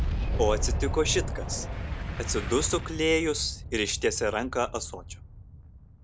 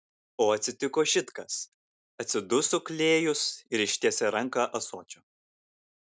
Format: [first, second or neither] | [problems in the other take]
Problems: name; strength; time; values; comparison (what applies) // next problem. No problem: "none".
second | background sound (Boom); 3 dB below the speech